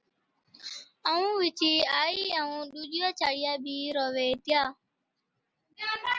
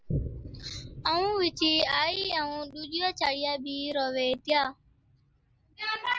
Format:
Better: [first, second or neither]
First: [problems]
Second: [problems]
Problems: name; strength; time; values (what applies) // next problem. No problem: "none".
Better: first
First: none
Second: background sound (Boom); 12 dB below the speech